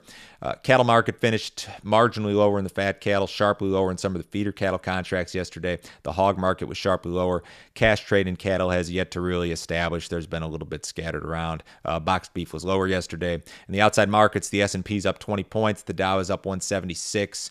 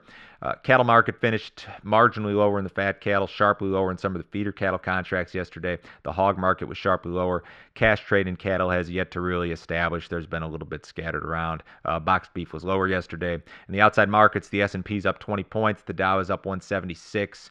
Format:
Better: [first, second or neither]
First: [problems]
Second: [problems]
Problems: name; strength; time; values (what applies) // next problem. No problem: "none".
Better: first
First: none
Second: muffled; slightly; fading above 2.5 kHz